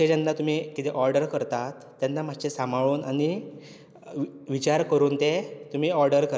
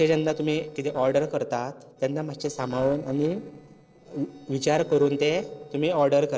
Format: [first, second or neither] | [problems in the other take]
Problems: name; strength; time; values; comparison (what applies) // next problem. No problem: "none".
first | noise reduction (neural separator model SepFormer DNS4)